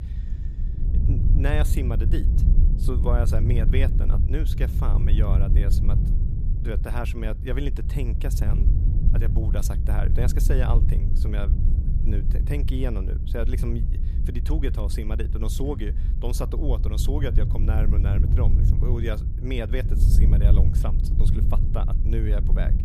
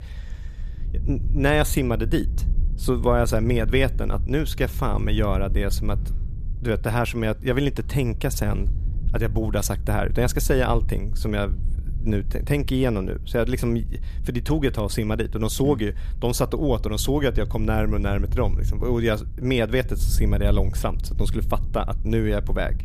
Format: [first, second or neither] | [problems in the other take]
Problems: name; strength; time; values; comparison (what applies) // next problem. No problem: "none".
second | low rumble; loud; throughout; 5 dB below the speech; faint in the second